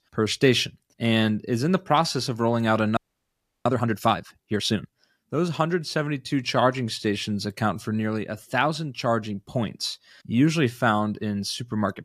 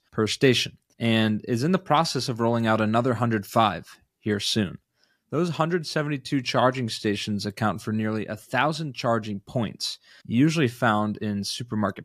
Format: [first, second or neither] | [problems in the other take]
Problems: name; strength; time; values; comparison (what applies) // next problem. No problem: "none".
second | audio freezing; at 3 s for 0.5 s